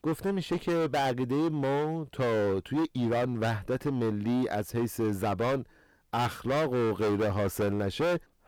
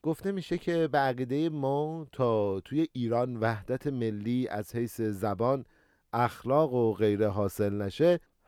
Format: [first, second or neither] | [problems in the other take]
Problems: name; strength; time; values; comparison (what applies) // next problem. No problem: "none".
second | distortion; heavy; 23% of the sound clipped